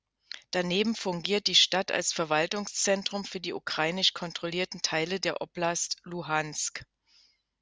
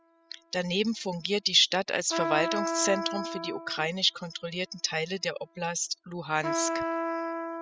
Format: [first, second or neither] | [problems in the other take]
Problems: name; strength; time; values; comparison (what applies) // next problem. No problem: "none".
first | noise reduction (classical method spectral subtraction)